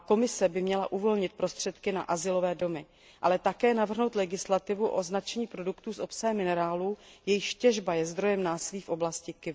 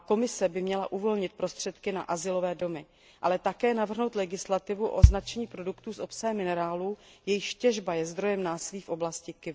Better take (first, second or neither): first